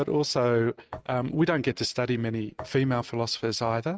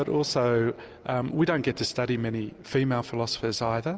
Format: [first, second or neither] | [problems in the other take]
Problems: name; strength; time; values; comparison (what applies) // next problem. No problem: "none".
second | noise reduction (neural mask model RNNoise)